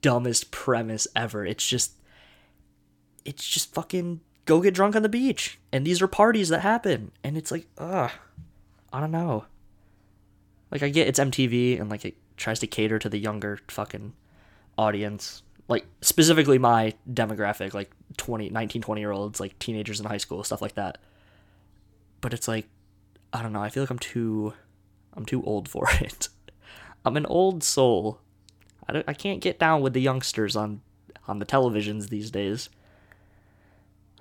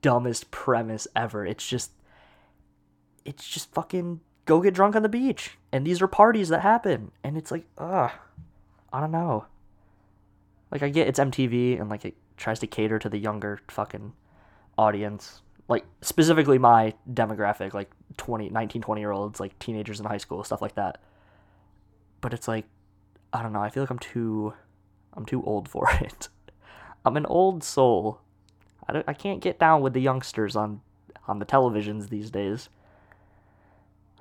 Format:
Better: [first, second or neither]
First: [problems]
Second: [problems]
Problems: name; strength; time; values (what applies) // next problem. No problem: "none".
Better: first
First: none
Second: muffled; slightly; fading above 2.5 kHz